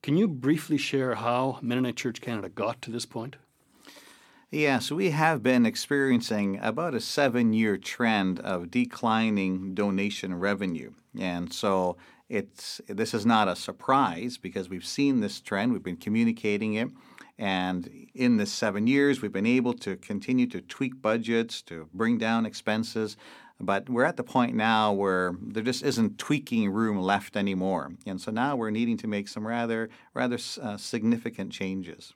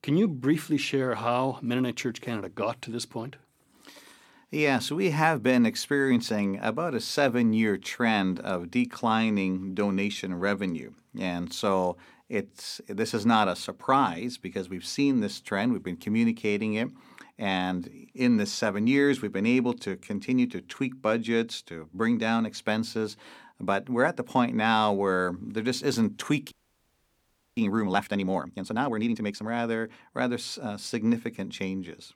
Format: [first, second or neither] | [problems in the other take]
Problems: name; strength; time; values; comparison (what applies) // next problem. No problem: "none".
first | audio freezing; at 27 s for 1 s